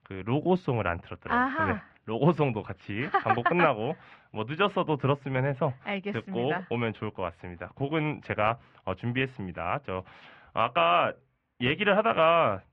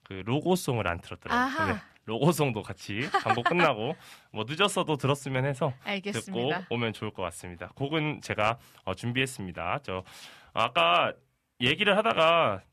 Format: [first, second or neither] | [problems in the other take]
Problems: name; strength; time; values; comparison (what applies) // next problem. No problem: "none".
second | muffled; very; fading above 2.5 kHz